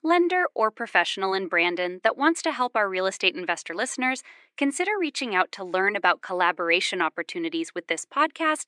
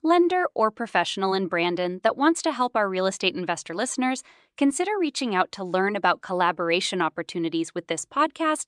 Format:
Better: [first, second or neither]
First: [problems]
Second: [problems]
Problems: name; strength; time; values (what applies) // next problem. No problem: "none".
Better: second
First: thin; very slightly; fading below 300 Hz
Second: none